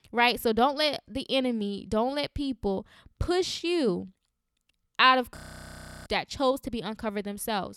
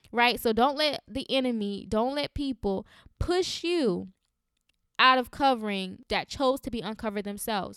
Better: second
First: audio freezing; at 5.5 s for 0.5 s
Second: none

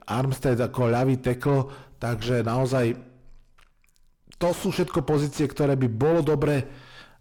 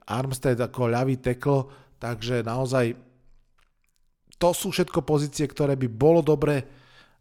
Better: second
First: distortion; heavy; 7 dB below the speech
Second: none

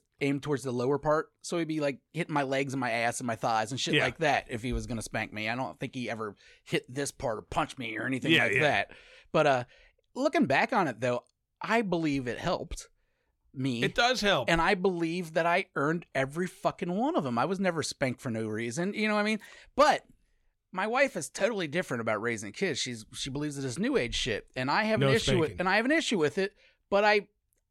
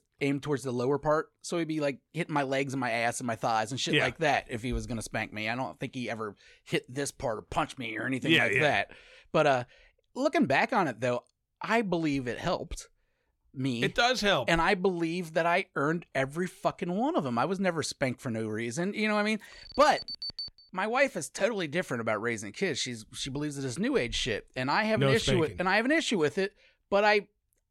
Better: first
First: none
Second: alarm; noticeable; from 20 to 21 s; peak 6 dB below the speech

